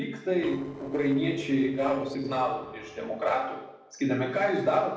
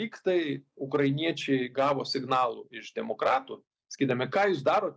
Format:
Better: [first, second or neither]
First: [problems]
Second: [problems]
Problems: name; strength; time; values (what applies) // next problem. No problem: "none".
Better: second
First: noise reduction (neural separator model SepFormer DNS4)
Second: none